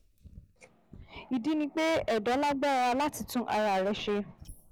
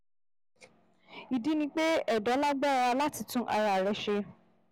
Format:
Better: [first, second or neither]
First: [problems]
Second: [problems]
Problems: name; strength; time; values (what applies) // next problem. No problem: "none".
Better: second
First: noise reduction (neural mask model Resemble Enhance denoiser)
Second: none